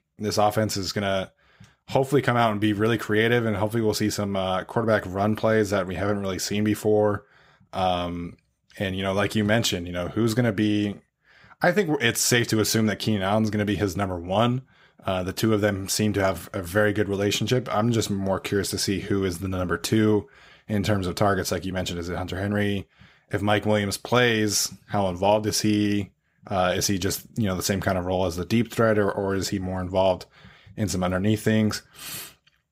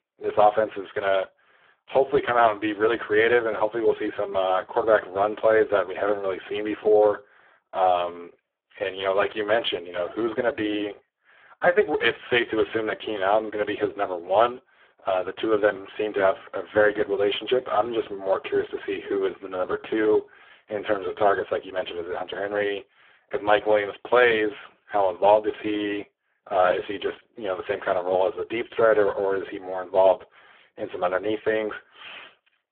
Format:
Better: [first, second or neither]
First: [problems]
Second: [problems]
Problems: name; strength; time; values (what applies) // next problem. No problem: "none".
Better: first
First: none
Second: phone-call audio; poor line